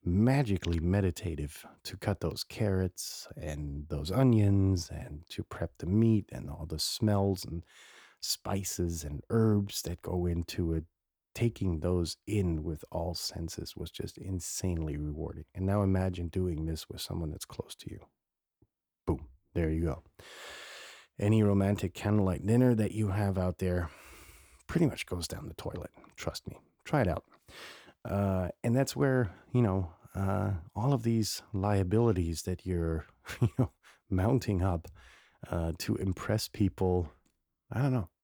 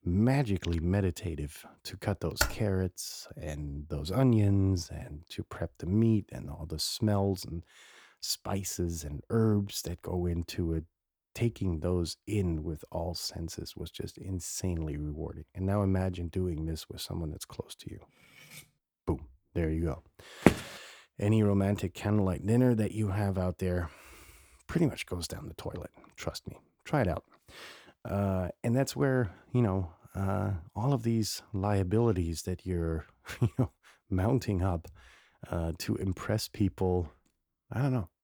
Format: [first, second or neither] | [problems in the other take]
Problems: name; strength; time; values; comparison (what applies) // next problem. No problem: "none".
first | keyboard typing; loud; at 2.5 s; peak level with the speech // clattering dishes; faint; at 18 s; peak 20 dB below the speech // footsteps; loud; at 20 s; peak 5 dB above the speech